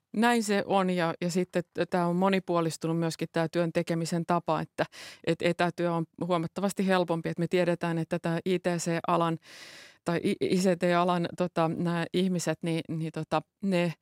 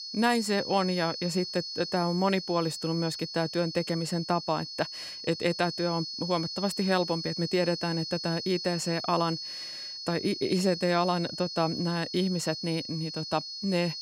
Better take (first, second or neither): first